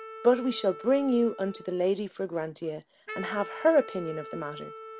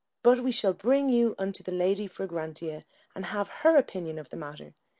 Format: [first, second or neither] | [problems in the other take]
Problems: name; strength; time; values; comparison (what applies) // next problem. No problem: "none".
second | background sound (Wind instrument, woodwind instrument); 15 dB below the speech